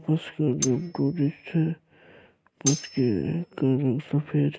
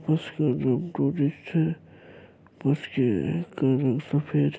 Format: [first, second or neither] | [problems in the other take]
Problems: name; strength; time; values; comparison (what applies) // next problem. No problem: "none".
second | noise reduction (neural mask model RNNoise)